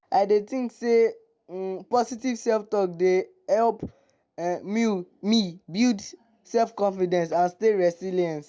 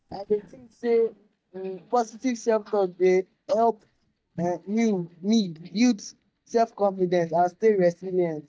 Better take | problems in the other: first | noise reduction (neural mask model DeepFilterNet 3)

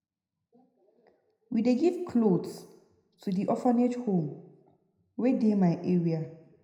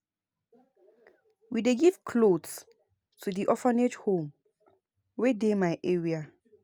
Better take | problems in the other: second | room echo; dies away in 0.7 s

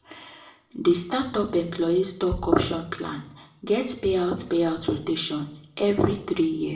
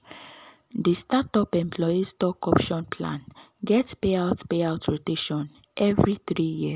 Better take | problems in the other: second | background sound (Bass drum); 14 dB below the speech // room echo; dies away in 0.5 s

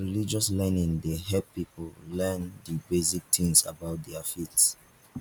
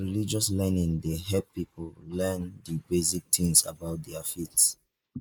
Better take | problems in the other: first | noise reduction (neural mask model Resemble Enhance denoiser)

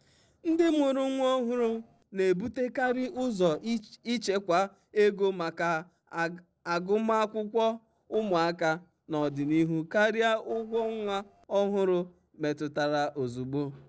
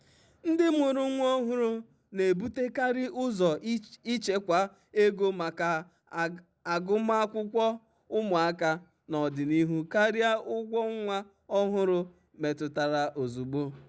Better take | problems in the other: second | noise reduction (neural separator model SepFormer DNS4)

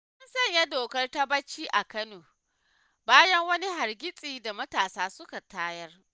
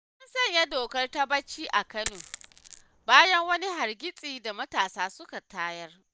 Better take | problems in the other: first | background sound (Coin (dropping)); 17 dB below the speech

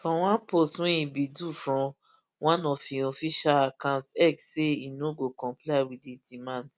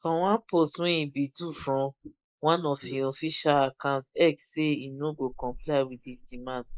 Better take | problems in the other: first | noise reduction (neural mask model Resemble Enhance denoiser)

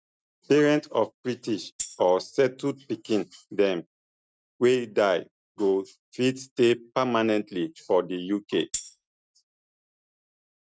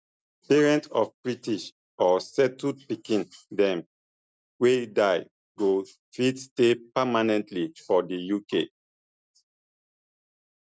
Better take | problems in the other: second | noise reduction (neural mask model RNNoise)

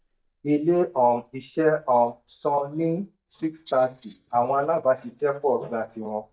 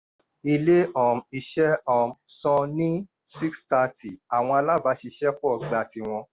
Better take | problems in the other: second | noise reduction (neural mask model DeepFilterNet 3)

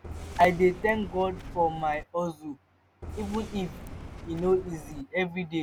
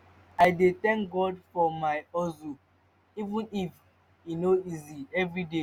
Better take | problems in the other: second | background sound (Subway, metro, underground); 11 dB below the speech

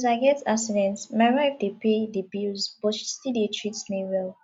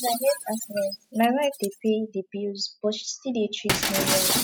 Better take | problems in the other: first | noise reduction (classical method spectral subtraction)

